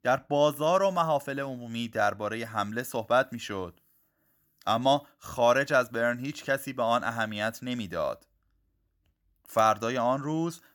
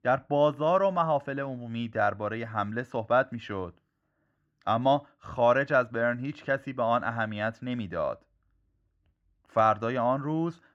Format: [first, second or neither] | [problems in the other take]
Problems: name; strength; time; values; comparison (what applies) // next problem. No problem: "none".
first | muffled; very; fading above 2.5 kHz